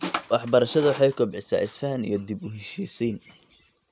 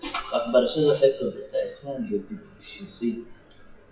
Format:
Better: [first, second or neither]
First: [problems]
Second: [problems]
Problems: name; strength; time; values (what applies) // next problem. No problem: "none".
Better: first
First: none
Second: noise reduction (classical method WPE with log-MMSE)